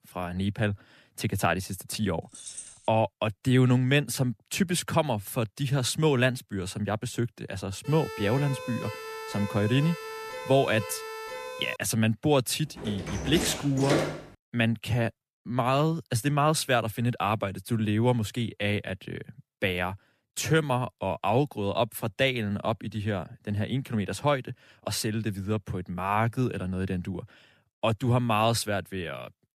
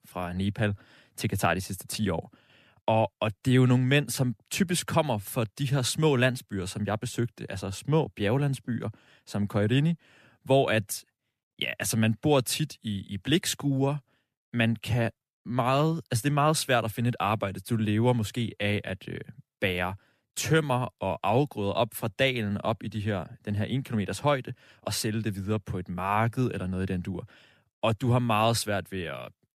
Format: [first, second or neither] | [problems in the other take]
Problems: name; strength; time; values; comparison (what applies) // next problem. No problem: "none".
second | jangling keys; faint; at 2.5 s; peak 10 dB below the speech // siren; noticeable; from 8 to 12 s; peak 9 dB below the speech // door banging; loud; from 13 to 14 s; peak 1 dB above the speech